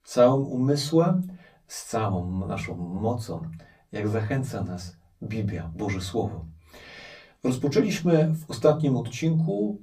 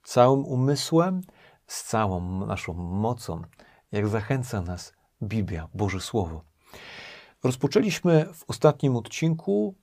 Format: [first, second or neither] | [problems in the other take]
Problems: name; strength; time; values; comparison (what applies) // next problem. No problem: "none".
second | off-mic speech; far // room echo; very slight; dies away in 0.3 s